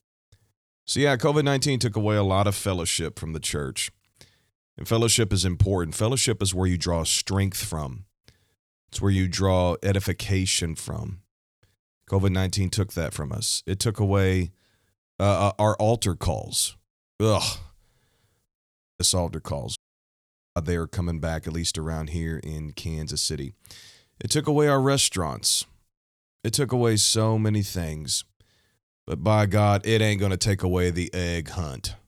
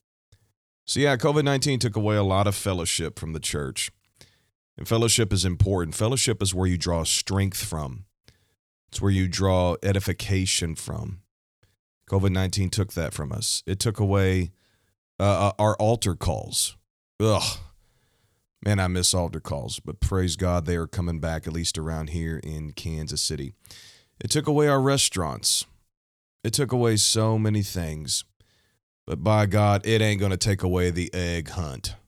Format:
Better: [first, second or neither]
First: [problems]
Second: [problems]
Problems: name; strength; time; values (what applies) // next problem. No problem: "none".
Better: second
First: audio cutting out; at 19 s and at 20 s for 1 s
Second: none